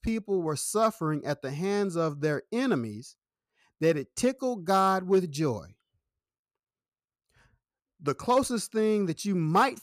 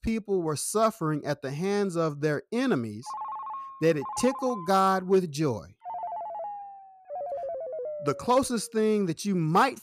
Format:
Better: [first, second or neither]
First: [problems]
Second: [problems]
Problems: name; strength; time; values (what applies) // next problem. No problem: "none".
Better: first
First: none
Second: phone ringing; noticeable; from 3 to 8.5 s; peak 7 dB below the speech